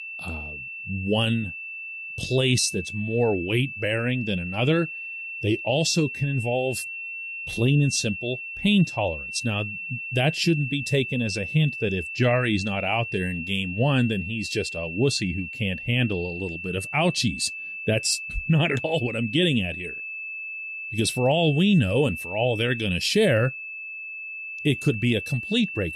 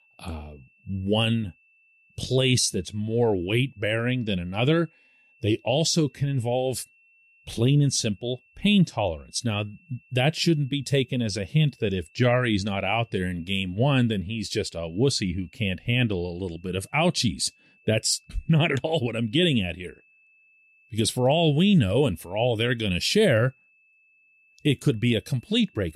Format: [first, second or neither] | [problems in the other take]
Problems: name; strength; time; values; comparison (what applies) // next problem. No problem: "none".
second | high-pitched whine; loud; throughout; 2.5 kHz, 8 dB below the speech; faint in the second